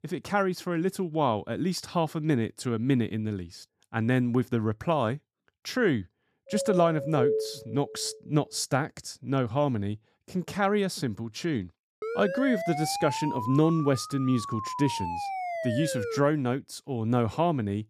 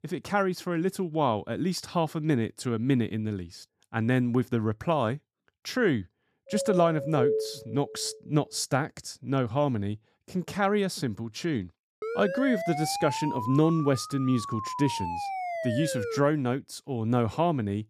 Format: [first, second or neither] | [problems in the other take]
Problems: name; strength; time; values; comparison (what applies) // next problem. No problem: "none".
neither | doorbell; loud; from 6.5 to 8 s; peak 1 dB above the speech; the same in both // siren; noticeable; from 12 to 16 s; peak 4 dB below the speech; the same in both